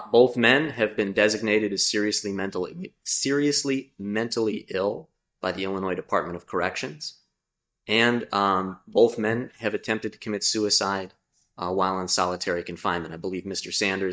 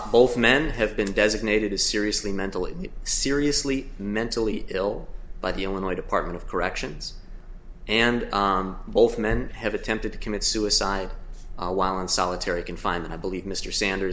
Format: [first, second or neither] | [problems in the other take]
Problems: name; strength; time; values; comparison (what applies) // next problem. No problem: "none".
second | noise reduction (neural mask model DeepFilterNet 3)